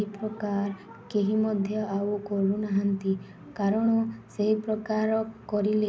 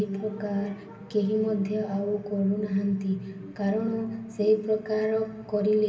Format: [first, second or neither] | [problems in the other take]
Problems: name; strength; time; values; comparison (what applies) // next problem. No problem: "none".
first | room echo; dies away in 2.7 s